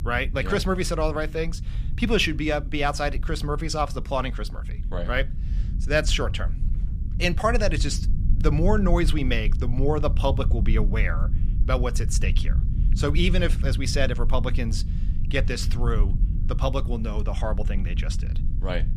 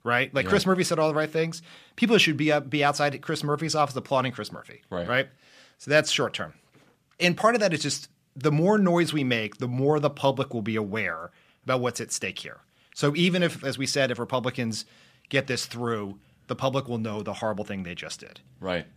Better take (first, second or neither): second